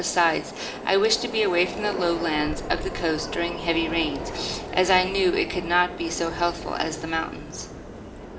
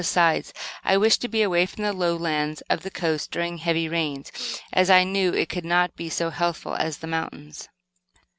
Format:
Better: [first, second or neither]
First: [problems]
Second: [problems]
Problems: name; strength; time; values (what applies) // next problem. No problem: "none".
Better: second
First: background sound (Subway, metro, underground); 9 dB below the speech // room echo; dies away in 2.7 s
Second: none